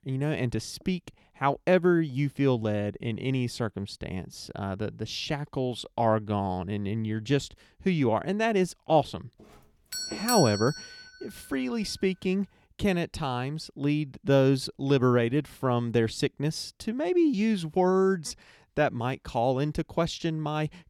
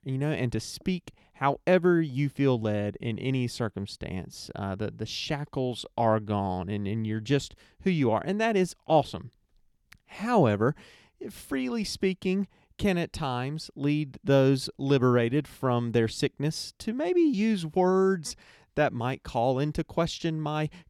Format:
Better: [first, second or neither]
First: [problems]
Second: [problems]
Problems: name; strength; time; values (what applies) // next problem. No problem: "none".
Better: second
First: doorbell; noticeable; from 10 to 11 s; peak 1 dB below the speech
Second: none